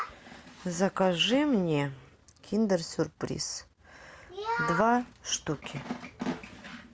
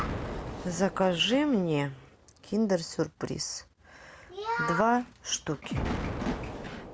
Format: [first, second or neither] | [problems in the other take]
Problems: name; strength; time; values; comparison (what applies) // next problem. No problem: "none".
first | background sound (Explosion); 9 dB below the speech